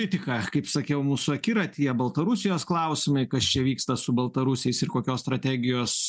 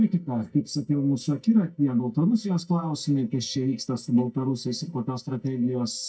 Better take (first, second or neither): first